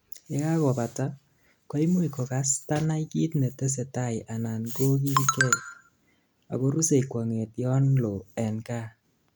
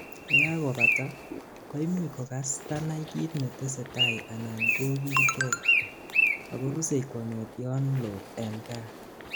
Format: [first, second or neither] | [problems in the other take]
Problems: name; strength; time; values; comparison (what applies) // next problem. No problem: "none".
first | background sound (Bird); 1 dB above the speech